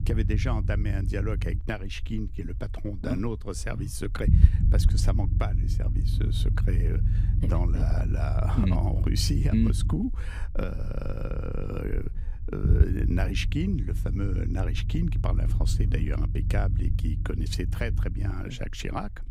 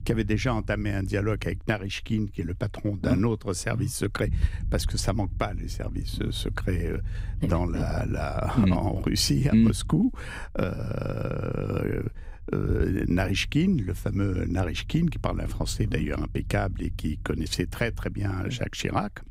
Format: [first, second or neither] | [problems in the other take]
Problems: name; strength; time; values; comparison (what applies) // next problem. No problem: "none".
second | low rumble; loud; throughout; 7 dB below the speech; faint in the second